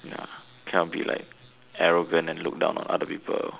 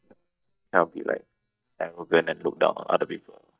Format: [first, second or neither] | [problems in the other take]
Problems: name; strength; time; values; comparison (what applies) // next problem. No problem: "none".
first | noise reduction (neural mask model DeepFilterNet 3)